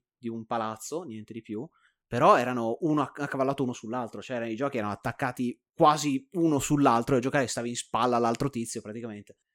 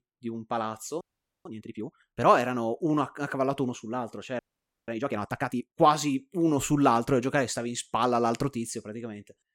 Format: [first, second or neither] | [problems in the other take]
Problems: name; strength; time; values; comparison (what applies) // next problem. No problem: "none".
first | audio freezing; at 1 s and at 4.5 s